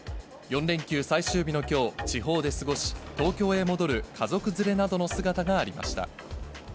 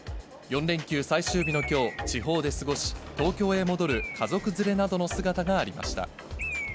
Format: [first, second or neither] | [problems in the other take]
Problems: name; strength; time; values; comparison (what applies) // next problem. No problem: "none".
first | background sound (Bird); 13 dB below the speech